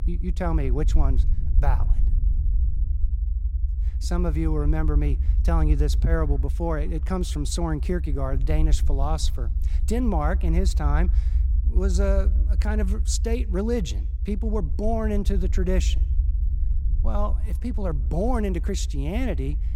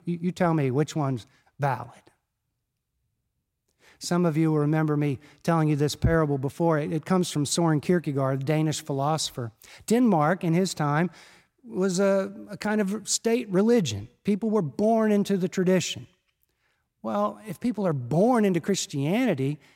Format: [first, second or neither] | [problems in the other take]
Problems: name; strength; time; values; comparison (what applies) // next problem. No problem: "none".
second | low rumble; noticeable; throughout; 15 dB below the speech